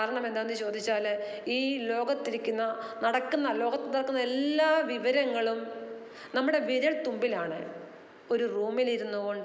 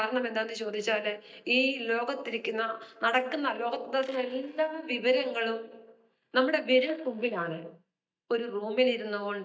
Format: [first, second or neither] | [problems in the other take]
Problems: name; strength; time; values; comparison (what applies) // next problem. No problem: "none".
first | noise reduction (neural mask model DeepFilterNet 3)